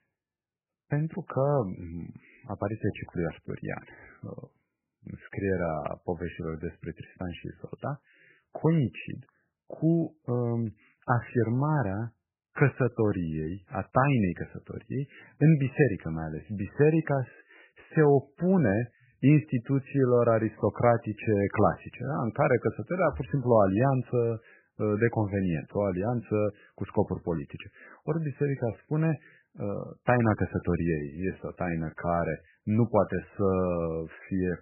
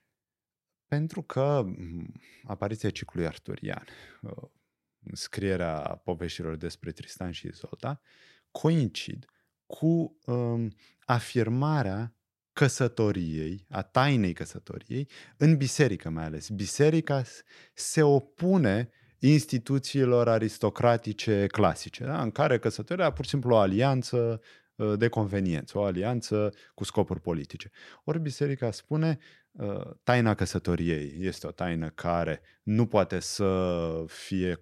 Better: second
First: garbled, watery; badly; nothing above 3 kHz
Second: none

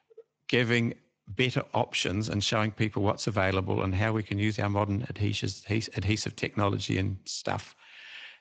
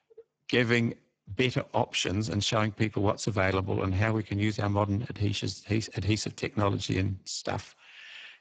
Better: first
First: garbled, watery; slightly; nothing above 7.5 kHz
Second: garbled, watery; badly; nothing above 7.5 kHz

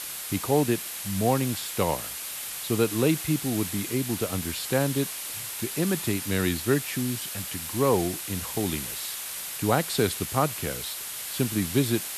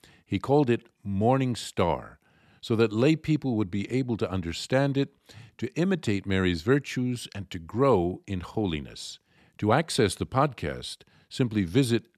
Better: second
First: hiss; loud; throughout; 4 dB below the speech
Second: none

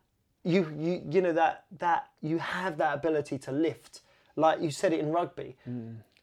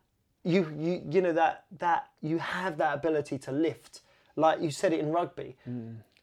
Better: neither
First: none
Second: none

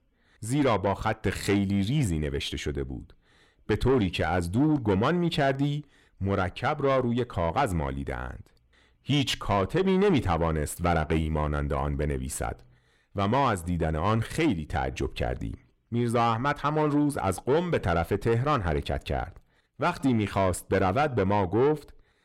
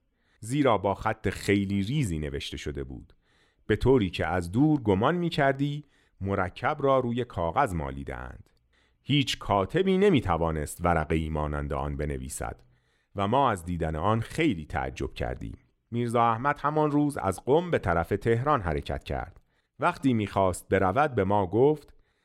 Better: second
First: distortion; slight; 10 dB below the speech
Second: none

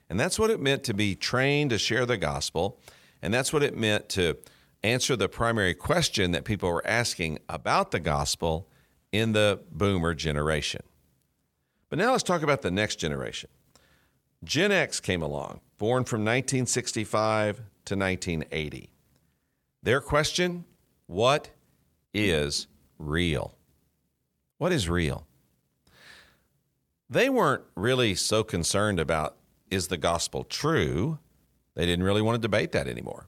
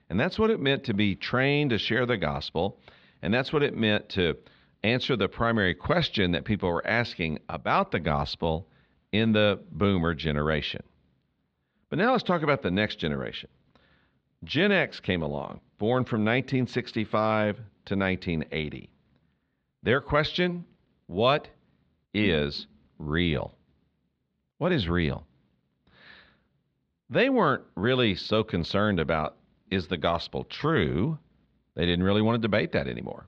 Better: first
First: none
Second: muffled; slightly; fading above 4 kHz

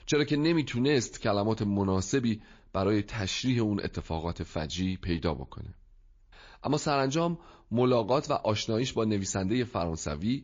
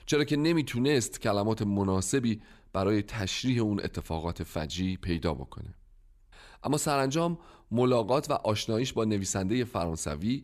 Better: second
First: garbled, watery; slightly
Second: none

